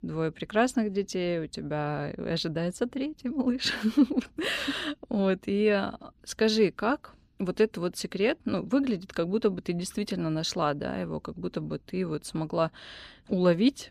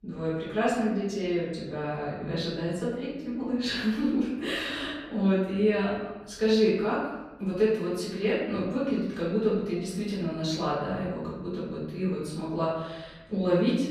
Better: first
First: none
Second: room echo; noticeable; dies away in 1 s // off-mic speech; far

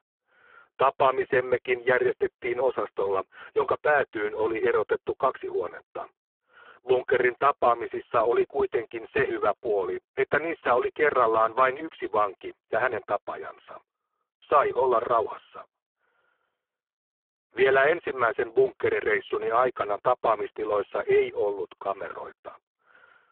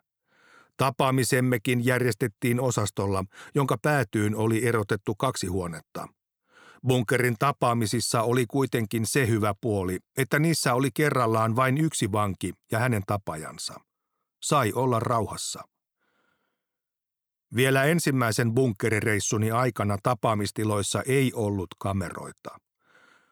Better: second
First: phone-call audio; poor line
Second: none

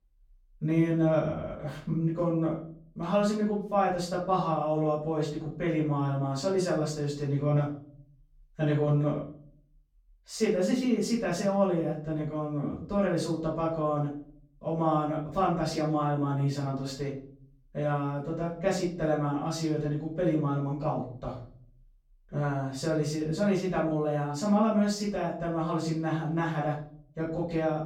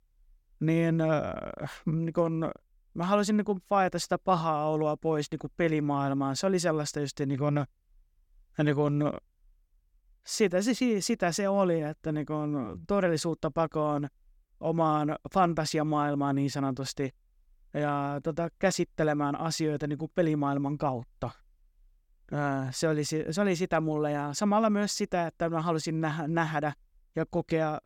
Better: second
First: off-mic speech; far // room echo; noticeable; dies away in 0.5 s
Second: none

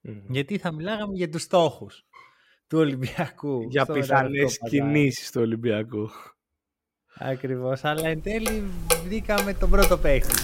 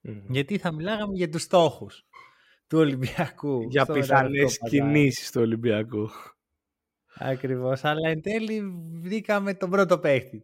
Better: second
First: household noises; loud; from 8.5 s on; 3 dB below the speech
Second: none

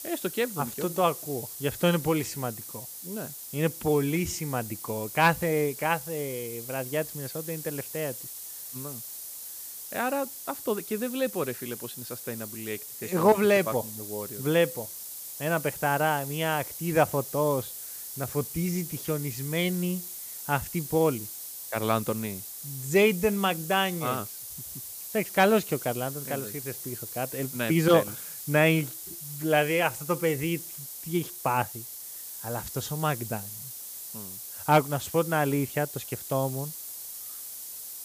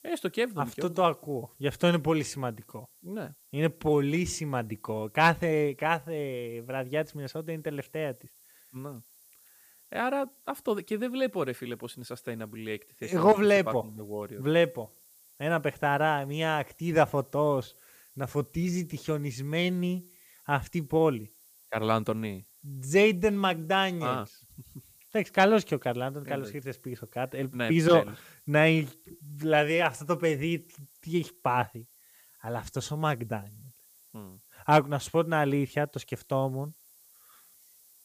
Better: second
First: hiss; loud; throughout; 9 dB below the speech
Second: hiss; faint; throughout; 25 dB below the speech

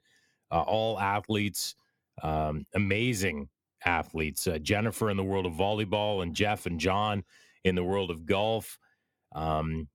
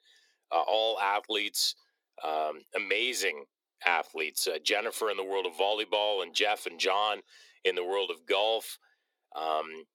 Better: first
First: none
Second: thin; very; fading below 350 Hz

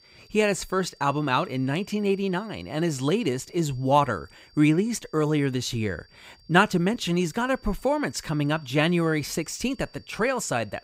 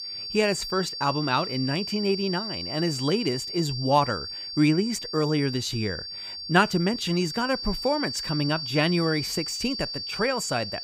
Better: first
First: high-pitched whine; faint; throughout; 4.5 kHz, 30 dB below the speech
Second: high-pitched whine; loud; throughout; 4.5 kHz, 5 dB below the speech

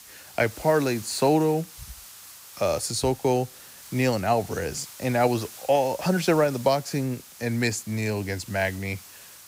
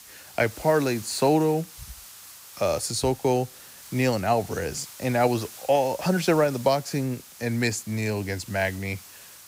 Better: neither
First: hiss; noticeable; throughout; 15 dB below the speech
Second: hiss; noticeable; throughout; 15 dB below the speech

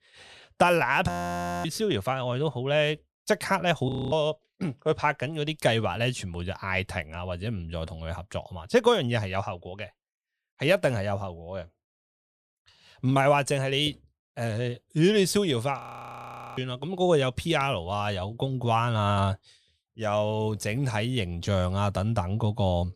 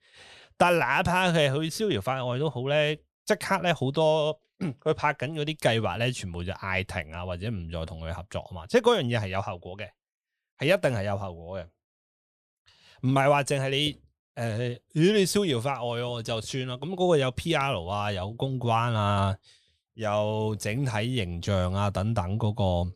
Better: second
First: audio freezing; at 1 s for 0.5 s, at 4 s and at 16 s for 1 s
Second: none

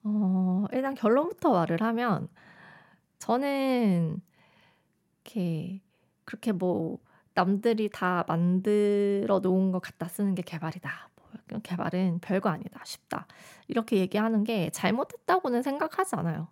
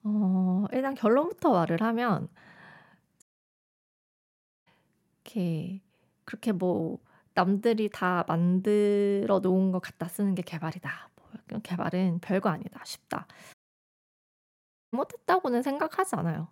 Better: first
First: none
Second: audio cutting out; at 3 s for 1.5 s and at 14 s for 1.5 s

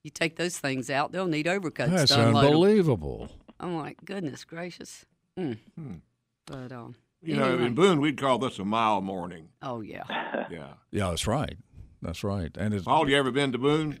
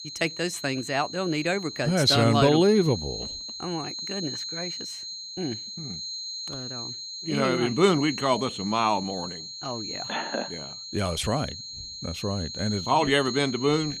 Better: first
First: none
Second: high-pitched whine; loud; throughout; 4 kHz, 9 dB below the speech

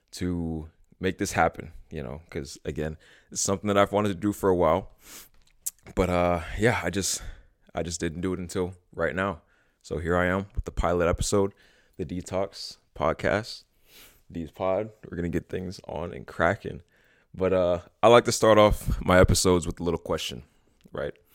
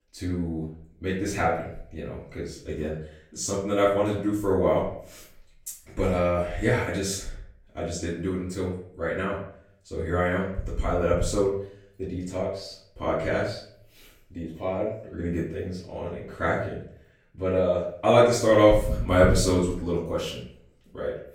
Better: first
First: none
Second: off-mic speech; far // room echo; noticeable; dies away in 0.5 s

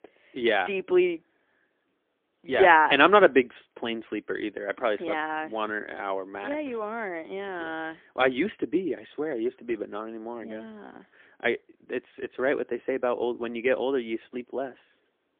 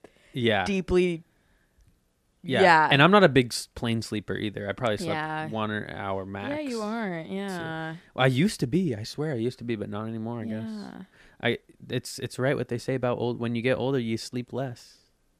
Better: second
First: phone-call audio; poor line; nothing above 3.5 kHz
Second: none

